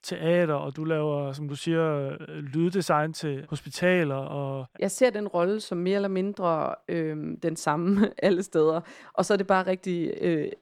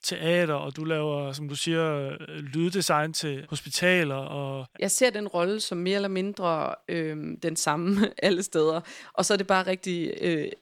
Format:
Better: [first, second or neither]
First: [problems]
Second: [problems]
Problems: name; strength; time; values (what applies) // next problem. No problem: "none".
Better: second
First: muffled; slightly; fading above 2 kHz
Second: none